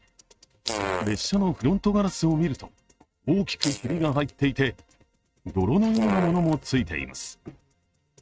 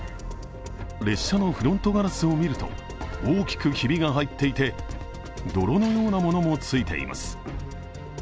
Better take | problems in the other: second | noise reduction (neural mask model RNNoise)

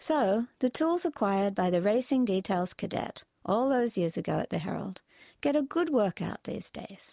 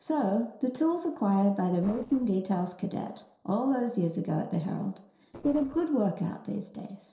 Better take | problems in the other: first | noise reduction (neural separator model SepFormer DNS4)

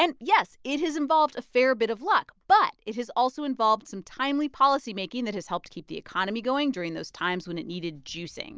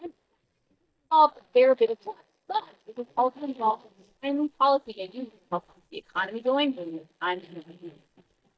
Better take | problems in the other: first | noise reduction (neural mask model DeepFilterNet 3)

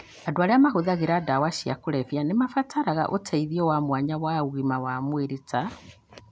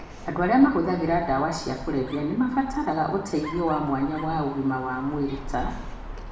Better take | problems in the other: first | background sound (Dog); 12 dB below the speech // room echo; dies away in 0.8 s

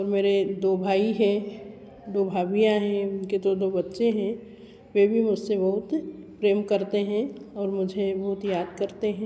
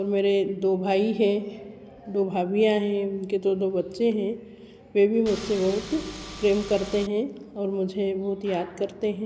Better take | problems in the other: first | background sound (Engine / Car); 14 dB below the speech

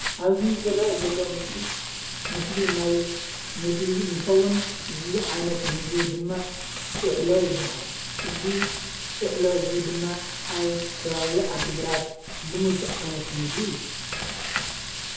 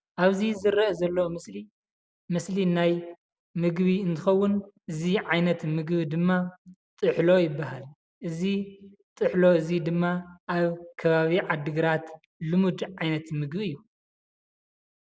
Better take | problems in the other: second | background sound (Frying (food)); 5 dB below the speech // room echo; dies away in 2.3 s

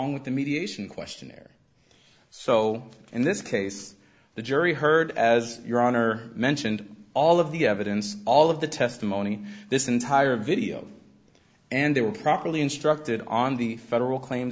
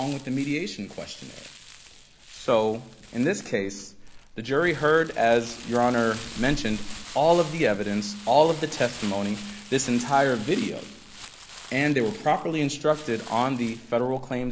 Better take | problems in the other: first | background sound (Crumpling, crinkling); 16 dB below the speech

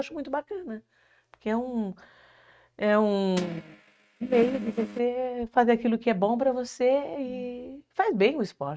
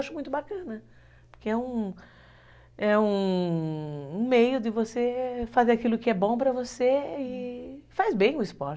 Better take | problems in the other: second | noise reduction (neural mask model RNNoise)

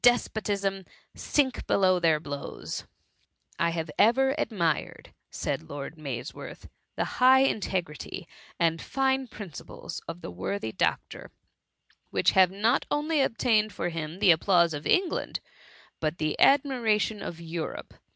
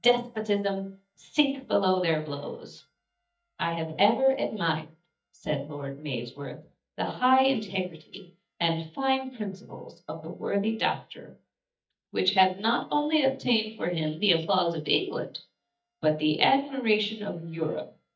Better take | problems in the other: first | noise reduction (neural mask model DeepFilterNet 3)

